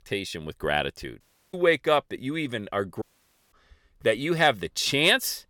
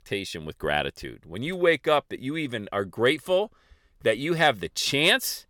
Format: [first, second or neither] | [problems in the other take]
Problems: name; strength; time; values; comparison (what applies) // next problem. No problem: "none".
second | audio cutting out; at 1 s and at 3 s for 0.5 s